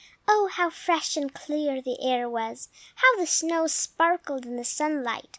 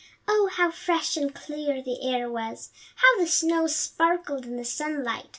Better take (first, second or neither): first